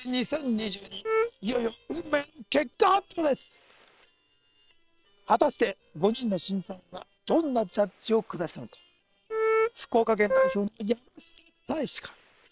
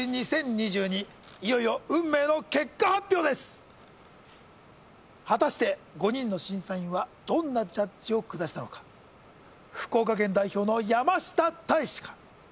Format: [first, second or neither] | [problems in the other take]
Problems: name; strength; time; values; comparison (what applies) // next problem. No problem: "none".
second | noise reduction (neural separator model SepFormer WHAM!)